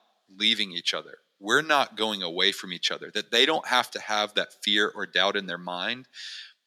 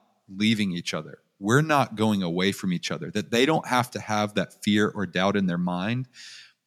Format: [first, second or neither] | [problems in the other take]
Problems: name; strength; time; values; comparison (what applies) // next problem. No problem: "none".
second | thin; somewhat; fading below 450 Hz